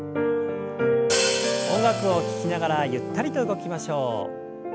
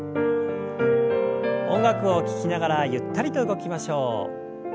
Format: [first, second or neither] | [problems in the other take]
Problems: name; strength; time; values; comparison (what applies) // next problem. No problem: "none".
second | background sound (Hi-hat); 8 dB below the speech